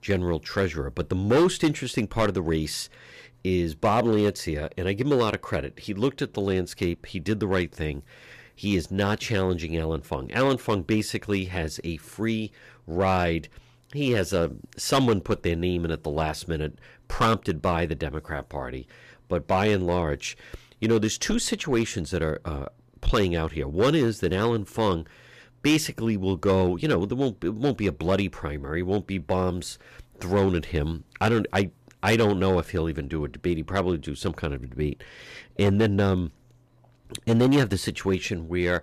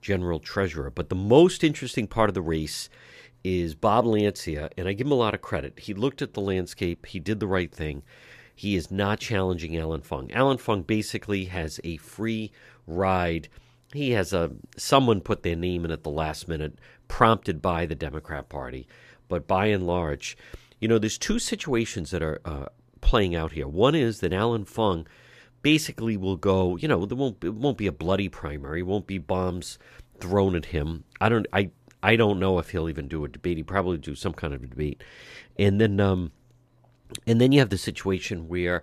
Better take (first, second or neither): second